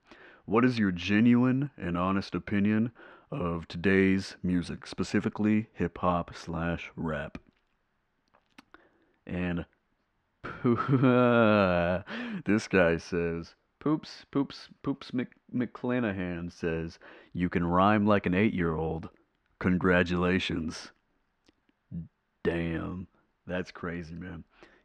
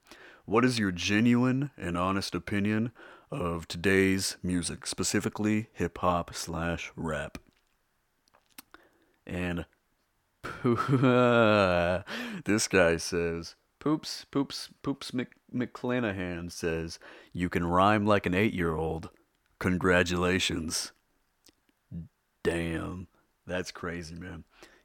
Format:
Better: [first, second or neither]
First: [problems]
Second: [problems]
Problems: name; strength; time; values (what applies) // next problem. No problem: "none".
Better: second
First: muffled; slightly; fading above 3 kHz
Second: none